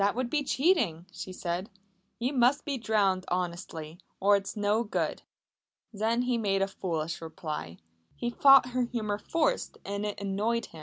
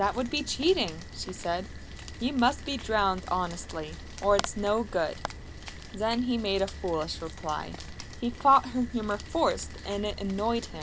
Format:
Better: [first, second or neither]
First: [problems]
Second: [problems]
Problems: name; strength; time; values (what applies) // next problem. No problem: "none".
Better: first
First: none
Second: background sound (Rain); 11 dB below the speech